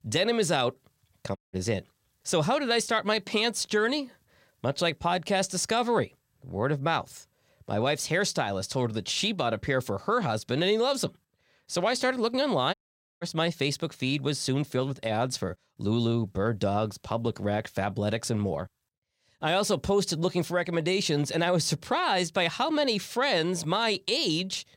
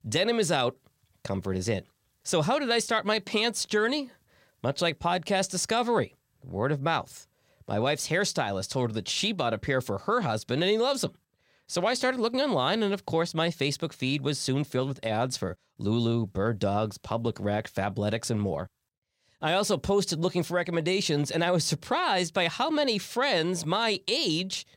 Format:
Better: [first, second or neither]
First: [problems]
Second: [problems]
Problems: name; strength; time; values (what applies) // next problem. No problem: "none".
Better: second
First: audio cutting out; at 1.5 s and at 13 s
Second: none